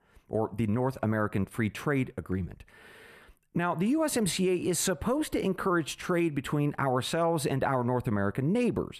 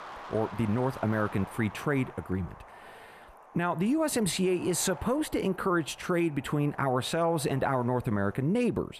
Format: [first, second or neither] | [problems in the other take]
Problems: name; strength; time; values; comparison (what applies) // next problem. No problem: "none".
first | wind noise on the microphone; occasional gusts; 15 dB below the speech